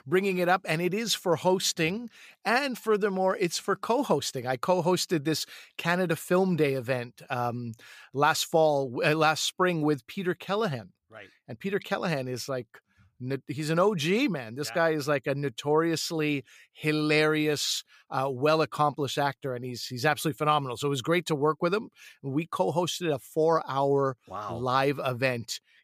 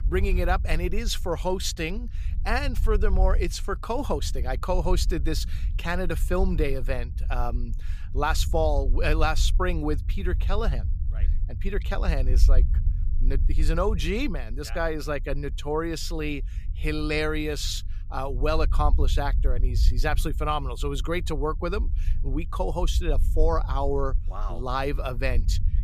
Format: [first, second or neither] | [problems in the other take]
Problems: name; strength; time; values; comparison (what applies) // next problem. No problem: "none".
first | low rumble; faint; throughout; 20 dB below the speech